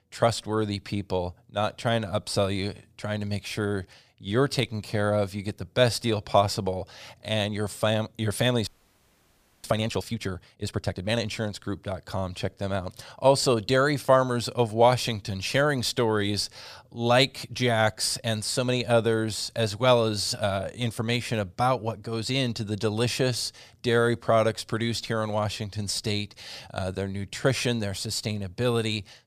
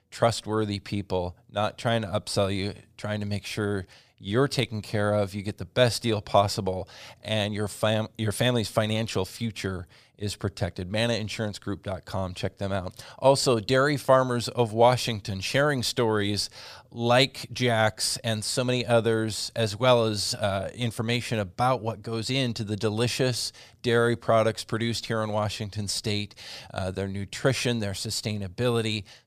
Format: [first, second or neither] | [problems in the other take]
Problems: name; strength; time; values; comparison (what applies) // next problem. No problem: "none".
second | audio freezing; at 8.5 s for 1 s